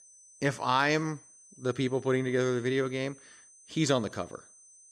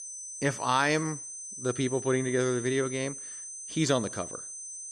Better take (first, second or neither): first